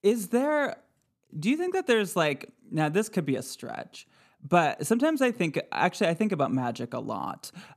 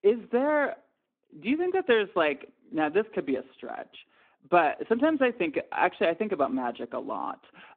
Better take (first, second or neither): first